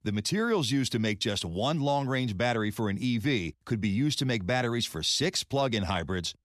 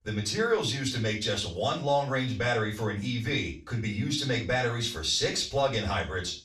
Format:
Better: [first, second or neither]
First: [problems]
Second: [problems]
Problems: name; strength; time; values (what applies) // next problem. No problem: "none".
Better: first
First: none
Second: room echo; slight; dies away in 0.3 s // off-mic speech; far